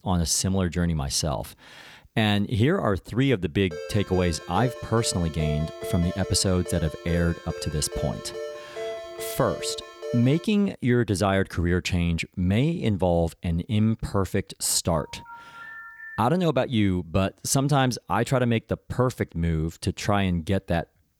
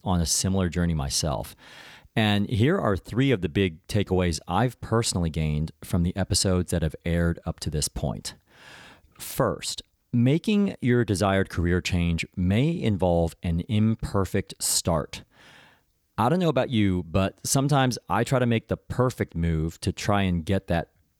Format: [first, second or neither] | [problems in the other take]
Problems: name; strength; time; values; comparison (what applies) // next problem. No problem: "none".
second | phone ringing; noticeable; from 3.5 to 10 s; peak 9 dB below the speech // phone ringing; faint; from 15 to 16 s; peak 15 dB below the speech